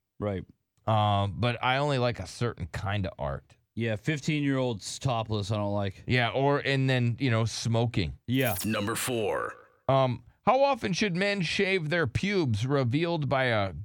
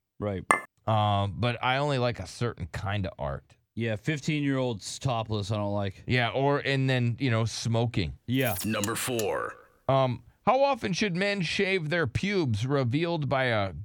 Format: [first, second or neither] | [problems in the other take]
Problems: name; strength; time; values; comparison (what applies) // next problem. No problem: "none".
first | clattering dishes; loud; at 0.5 s; peak 1 dB above the speech // alarm; noticeable; at 9 s; peak 8 dB below the speech